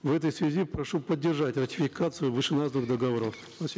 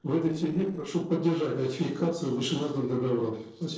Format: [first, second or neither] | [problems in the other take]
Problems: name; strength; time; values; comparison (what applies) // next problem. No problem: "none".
first | noise reduction (neural separator model SepFormer DNS4)